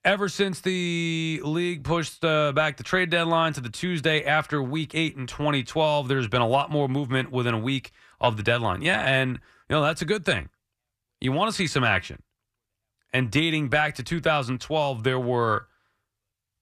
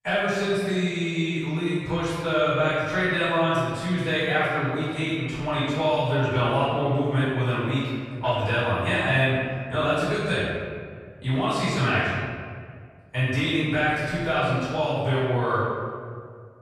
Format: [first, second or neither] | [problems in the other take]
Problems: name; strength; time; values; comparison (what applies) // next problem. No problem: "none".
first | off-mic speech; far // room echo; strong; dies away in 1.8 s